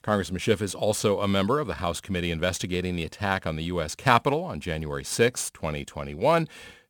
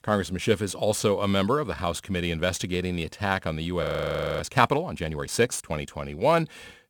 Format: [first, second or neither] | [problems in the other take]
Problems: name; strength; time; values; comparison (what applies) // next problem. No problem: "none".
first | audio freezing; at 4 s for 0.5 s